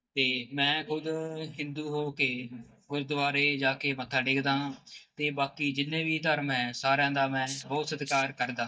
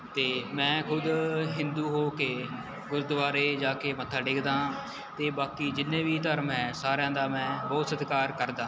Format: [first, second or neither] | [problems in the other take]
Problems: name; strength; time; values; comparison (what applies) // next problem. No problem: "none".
second | noise reduction (neural mask model DeepFilterNet 3)